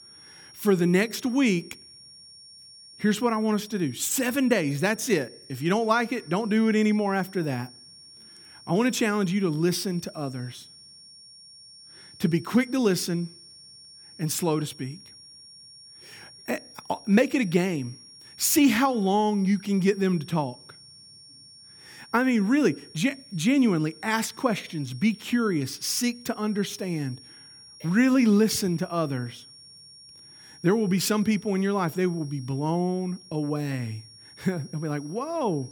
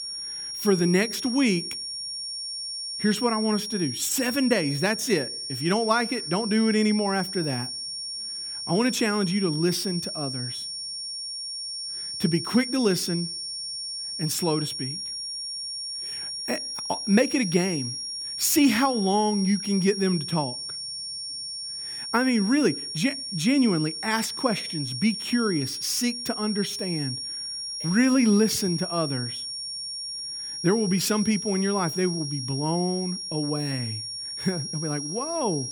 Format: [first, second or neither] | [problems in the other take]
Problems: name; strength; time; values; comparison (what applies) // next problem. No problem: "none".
first | high-pitched whine; loud; throughout; 5.5 kHz, 5 dB below the speech; faint in the first